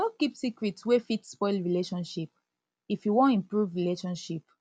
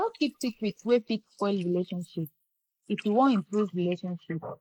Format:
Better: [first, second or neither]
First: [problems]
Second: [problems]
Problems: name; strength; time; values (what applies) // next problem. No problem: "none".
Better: first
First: none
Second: noise reduction (neural mask model Resemble Enhance denoiser)